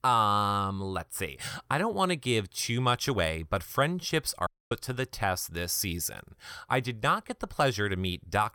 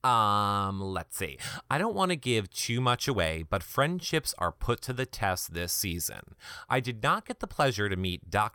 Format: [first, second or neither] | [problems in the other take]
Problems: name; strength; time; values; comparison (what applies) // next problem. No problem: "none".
second | audio cutting out; at 4.5 s